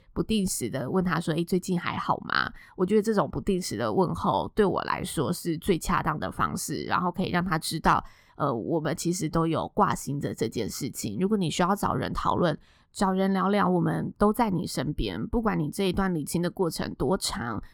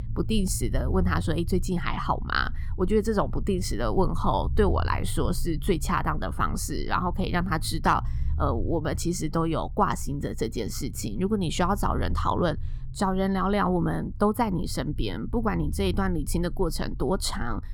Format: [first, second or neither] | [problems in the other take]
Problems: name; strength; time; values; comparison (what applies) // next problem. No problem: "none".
first | low rumble; faint; throughout; 25 dB below the speech